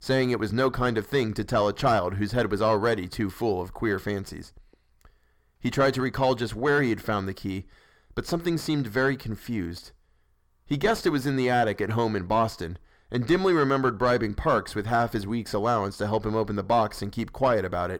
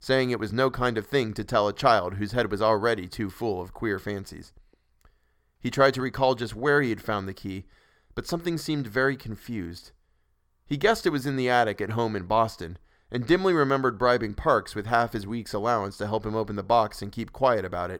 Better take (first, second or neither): second